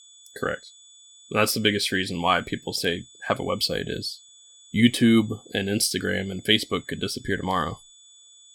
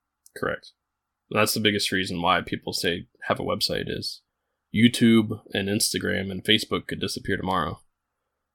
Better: second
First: high-pitched whine; faint; throughout; 3.5 kHz, 25 dB below the speech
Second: none

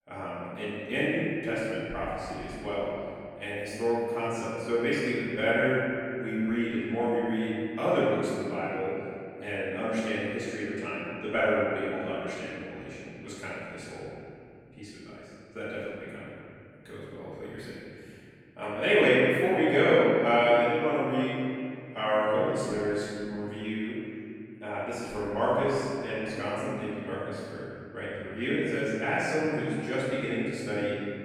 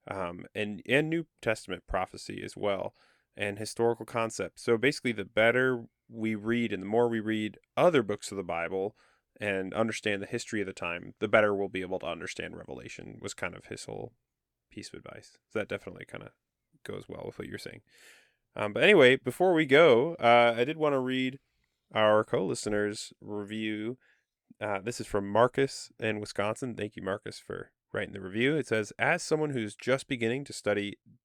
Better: second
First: room echo; strong; dies away in 2.5 s // off-mic speech; far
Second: none

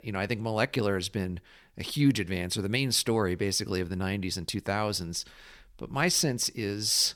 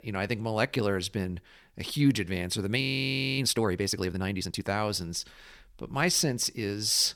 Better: first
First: none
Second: audio freezing; at 3 s for 0.5 s

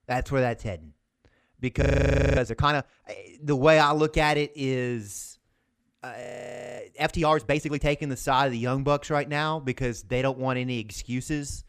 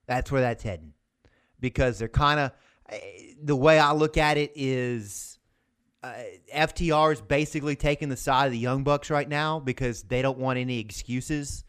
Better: second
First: audio freezing; at 2 s for 0.5 s and at 6 s for 0.5 s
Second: none

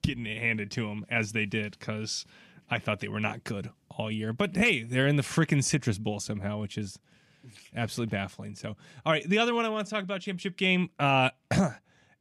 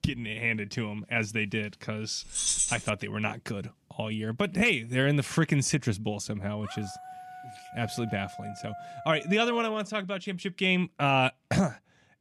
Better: first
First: none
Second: jangling keys; loud; at 2.5 s; peak 4 dB above the speech // dog barking; faint; from 6.5 to 10 s; peak 15 dB below the speech

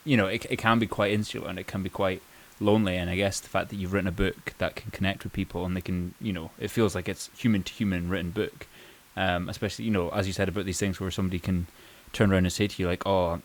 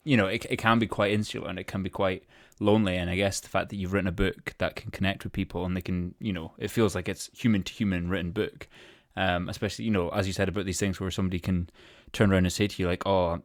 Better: second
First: hiss; faint; throughout; 25 dB below the speech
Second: none

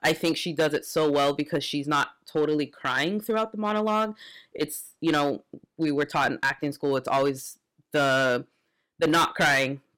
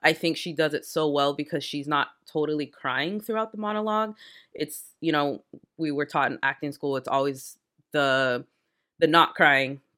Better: second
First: distortion; heavy; 6% of the sound clipped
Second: none

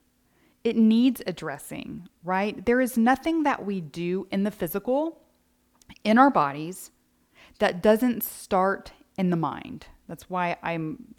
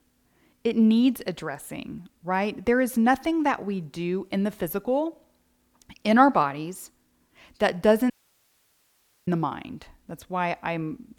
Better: first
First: none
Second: audio cutting out; at 8 s for 1 s

